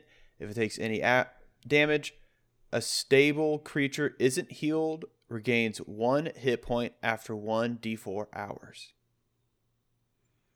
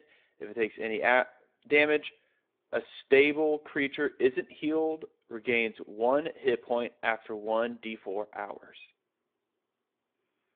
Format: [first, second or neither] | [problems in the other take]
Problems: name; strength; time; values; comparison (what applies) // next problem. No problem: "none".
first | phone-call audio